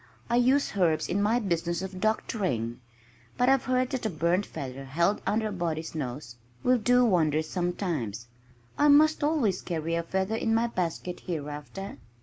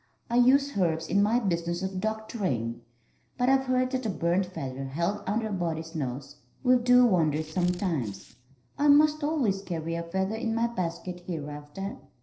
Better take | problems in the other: first | noise reduction (neural separator model SepFormer DNS4)

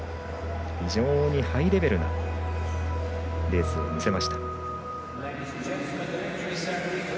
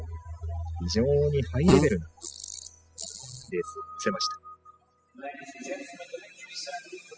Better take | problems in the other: first | noise reduction (classical method spectral subtraction)

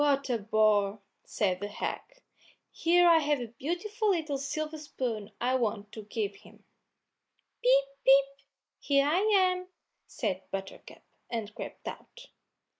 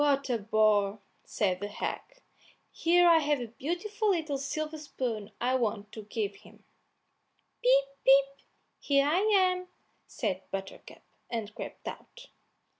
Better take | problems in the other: second | noise reduction (neural mask model Resemble Enhance denoiser)

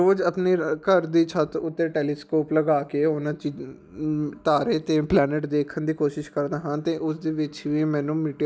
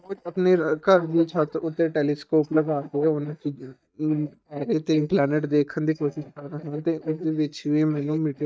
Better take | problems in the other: first | noise reduction (neural mask model DeepFilterNet 3)

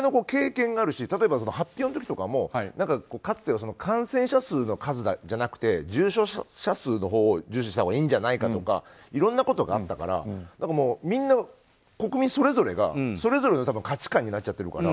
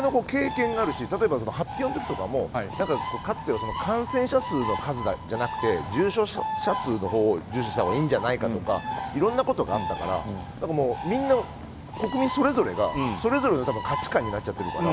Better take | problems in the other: first | background sound (Bird); 7 dB below the speech

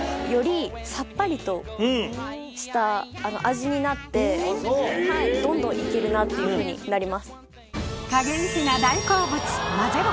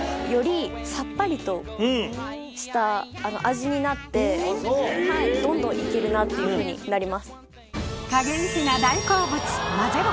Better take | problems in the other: first | background sound (Bowed string instrument); 18 dB below the speech

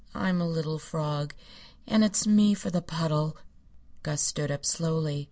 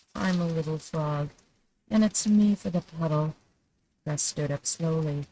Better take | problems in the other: first | noise reduction (neural mask model RNNoise)

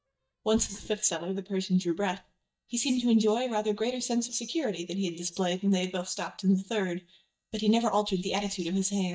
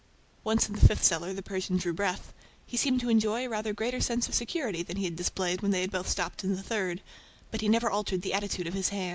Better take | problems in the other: second | noise reduction (neural mask model DeepFilterNet 3)

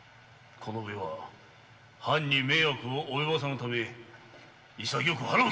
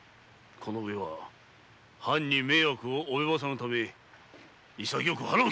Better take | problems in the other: second | room echo; dies away in 1.3 s

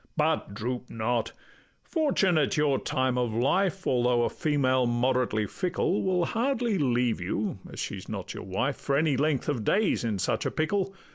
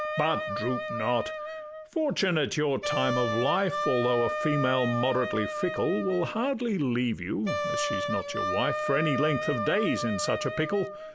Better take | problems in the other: first | background sound (Wind instrument, woodwind instrument); 4 dB below the speech

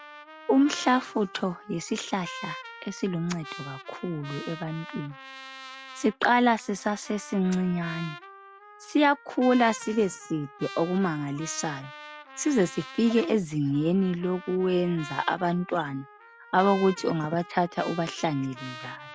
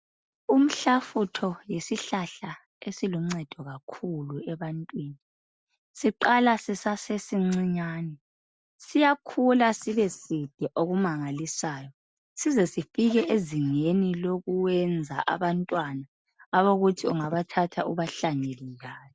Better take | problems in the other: second | background sound (Trumpet); 16 dB below the speech

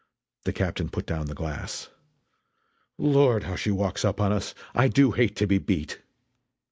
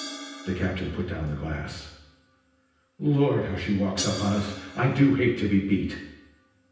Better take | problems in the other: first | background sound (Crash cymbal); 15 dB below the speech // room echo; dies away in 0.9 s

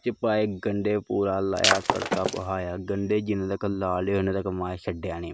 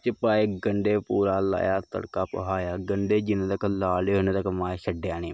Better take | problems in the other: second | background sound (Shatter); 1 dB above the speech

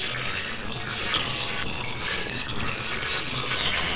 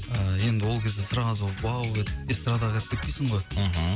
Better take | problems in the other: second | noise reduction (neural separator model SepFormer WHAMR!)

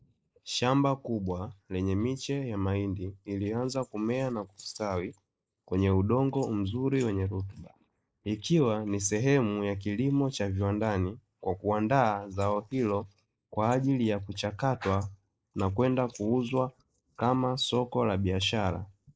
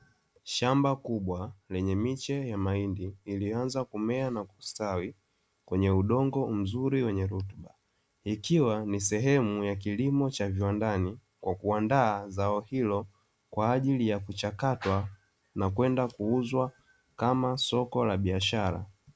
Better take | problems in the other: second | noise reduction (neural mask model Resemble Enhance denoiser)

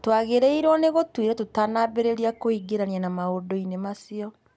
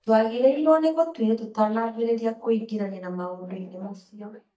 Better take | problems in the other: first | noise reduction (neural mask model DeepFilterNet 3)

